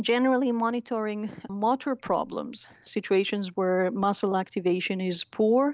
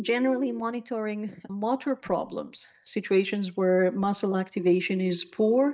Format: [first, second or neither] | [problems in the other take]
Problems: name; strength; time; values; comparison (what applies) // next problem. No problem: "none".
first | noise reduction (neural mask model DeepFilterNet 3)